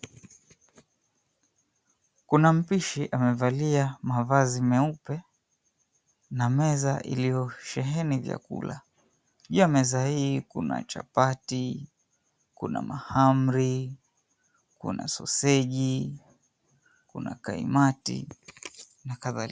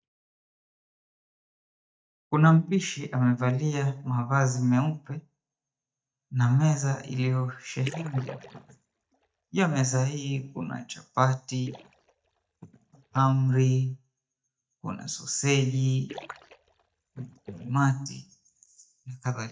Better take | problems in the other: first | noise reduction (neural mask model DeepFilterNet 3)

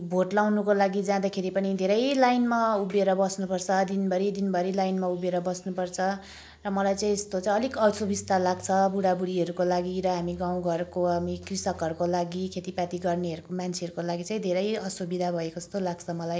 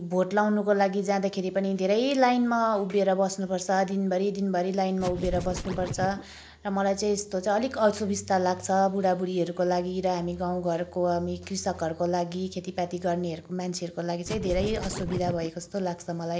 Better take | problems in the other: first | background sound (Scratching (performance technique)); 7 dB below the speech

